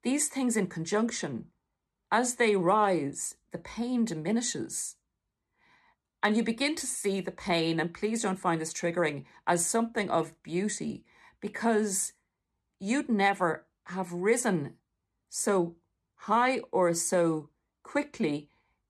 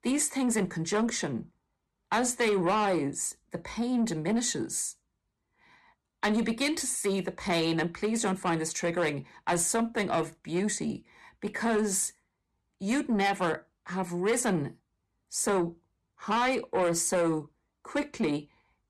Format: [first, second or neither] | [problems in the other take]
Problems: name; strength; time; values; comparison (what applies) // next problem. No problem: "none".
first | distortion; slight; 10 dB below the speech